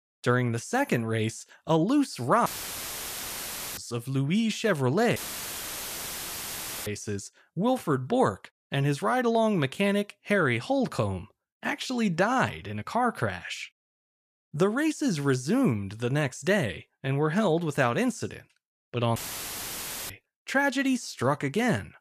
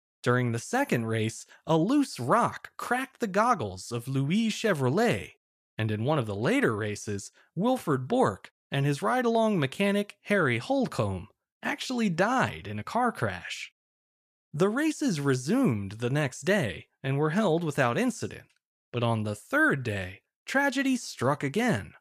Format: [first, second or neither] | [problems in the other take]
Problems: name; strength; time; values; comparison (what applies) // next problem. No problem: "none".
second | audio cutting out; filled with static; at 2.5 s for 1.5 s, at 5 s for 1.5 s and at 19 s for 1 s